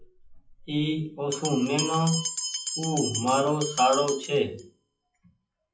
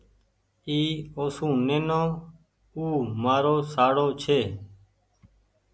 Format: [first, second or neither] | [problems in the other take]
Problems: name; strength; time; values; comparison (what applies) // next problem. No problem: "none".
second | noise reduction (classical method WPE with log-MMSE)